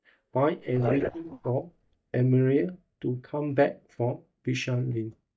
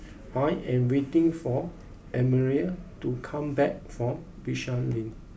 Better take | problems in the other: second | noise reduction (neural mask model DeepFilterNet 3)

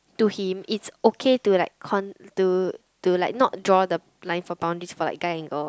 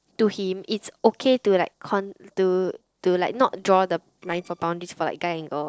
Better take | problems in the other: first | noise reduction (neural separator model SepFormer DNS4)

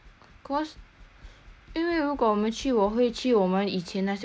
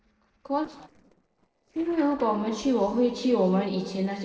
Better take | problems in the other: first | noise reduction (neural separator model SepFormer DNS4)

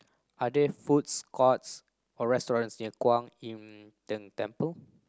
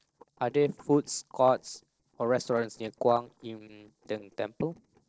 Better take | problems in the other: first | noise reduction (neural separator model SepFormer DNS4)

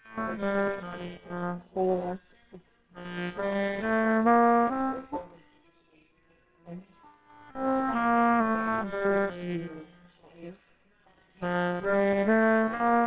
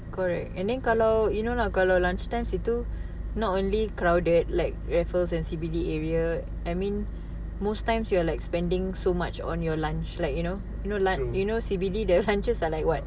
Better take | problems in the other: second | noise reduction (neural separator model SepFormer WHAMR!)

